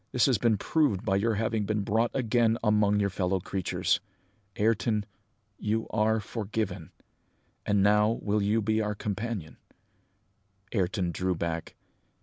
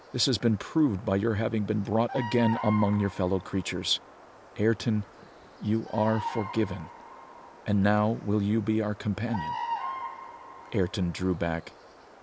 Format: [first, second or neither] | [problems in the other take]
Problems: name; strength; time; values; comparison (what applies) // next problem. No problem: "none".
first | background sound (Bird vocalization, bird call, bird song); 12 dB below the speech